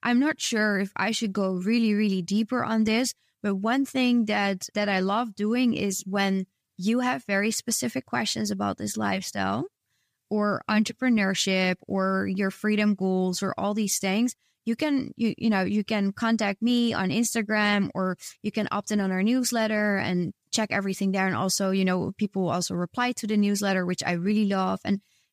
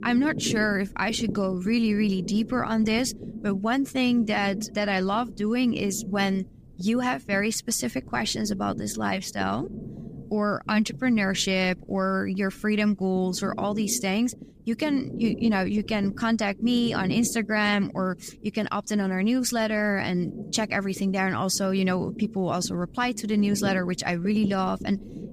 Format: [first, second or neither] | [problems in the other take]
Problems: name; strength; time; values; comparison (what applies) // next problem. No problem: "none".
first | low rumble; noticeable; throughout; 15 dB below the speech